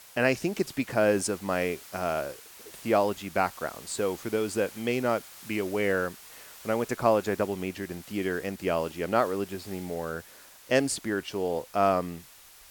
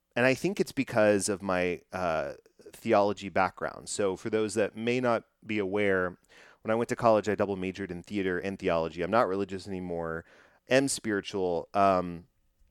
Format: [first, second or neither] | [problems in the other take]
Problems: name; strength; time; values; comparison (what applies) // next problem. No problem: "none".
second | hiss; noticeable; throughout; 20 dB below the speech